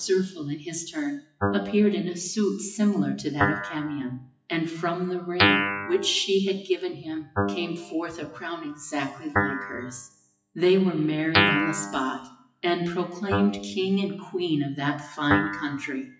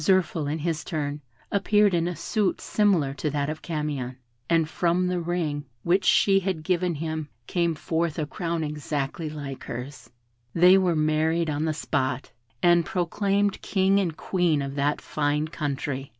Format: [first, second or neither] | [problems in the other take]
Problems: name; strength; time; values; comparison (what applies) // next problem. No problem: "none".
second | noise reduction (classical method WPE with log-MMSE)